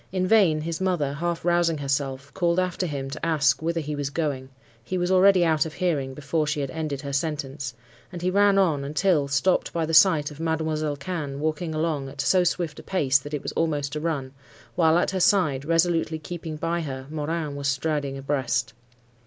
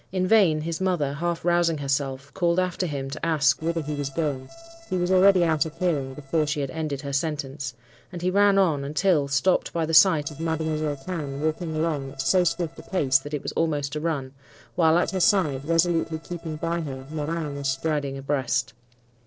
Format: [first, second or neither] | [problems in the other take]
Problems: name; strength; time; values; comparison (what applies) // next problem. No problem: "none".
first | noise reduction (neural separator model SepFormer DNS4)